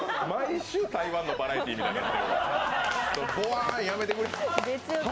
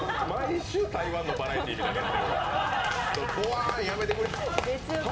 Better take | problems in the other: first | background sound (Fire); 11 dB below the speech // room echo; dies away in 0.8 s

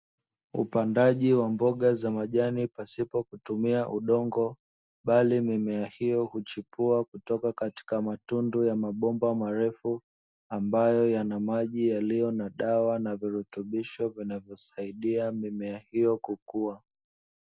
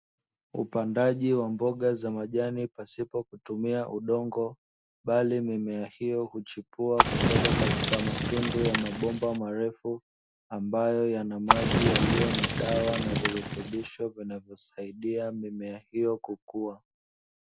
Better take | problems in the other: first | background sound (Fire); 3 dB above the speech

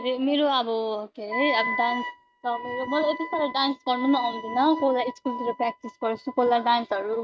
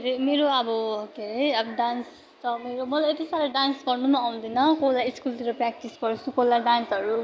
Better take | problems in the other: second | noise reduction (neural mask model RNNoise)

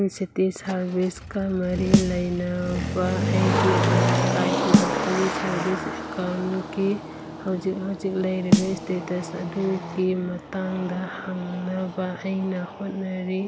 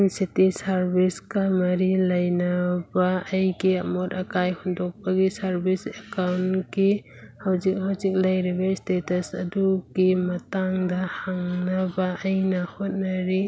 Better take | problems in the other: second | background sound (Snare drum + Motor vehicle (road)); 1 dB above the speech

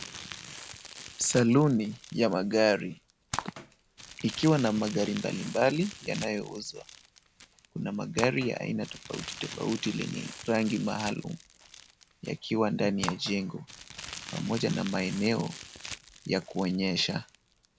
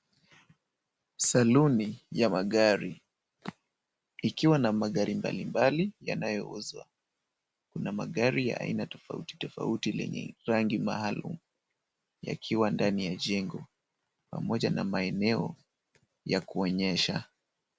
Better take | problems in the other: second | background sound (Crumpling, crinkling); 13 dB below the speech

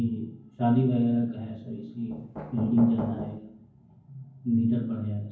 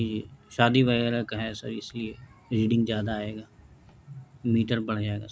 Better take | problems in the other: second | background sound (Knock); 9 dB below the speech // room echo; dies away in 0.9 s

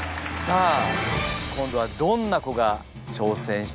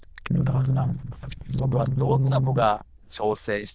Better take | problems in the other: first | noise reduction (neural diffusion model UNIVERSE++)

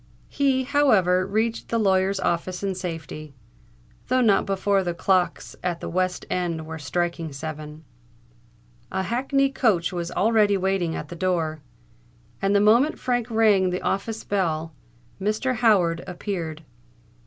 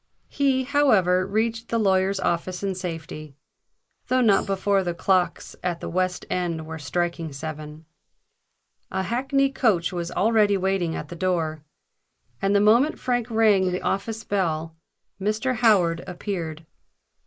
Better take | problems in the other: first | noise reduction (neural mask model Resemble Enhance denoiser)

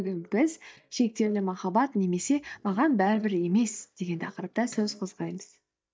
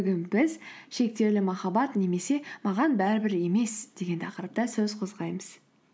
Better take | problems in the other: second | noise reduction (neural mask model DeepFilterNet 3)

